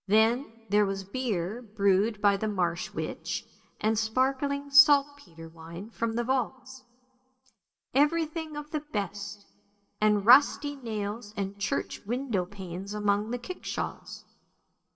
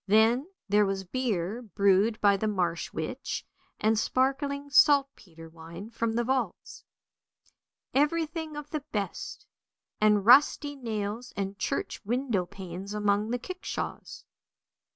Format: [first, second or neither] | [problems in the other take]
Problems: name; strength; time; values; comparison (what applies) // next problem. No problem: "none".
second | room echo; dies away in 0.3 s